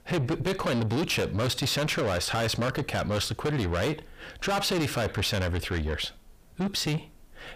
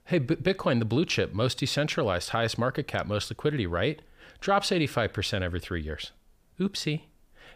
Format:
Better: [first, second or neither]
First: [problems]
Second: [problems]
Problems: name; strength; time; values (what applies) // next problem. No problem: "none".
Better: second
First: distortion; heavy; 6 dB below the speech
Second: none